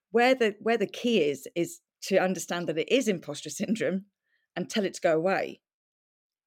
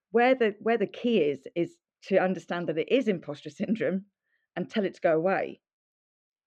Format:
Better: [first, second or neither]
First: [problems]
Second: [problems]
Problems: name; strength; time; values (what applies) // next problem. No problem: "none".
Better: first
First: none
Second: muffled; very; fading above 2.5 kHz